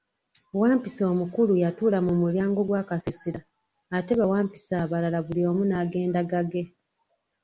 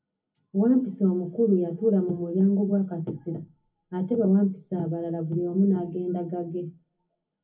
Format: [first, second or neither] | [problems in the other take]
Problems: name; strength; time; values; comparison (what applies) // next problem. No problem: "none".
first | room echo; dies away in 0.3 s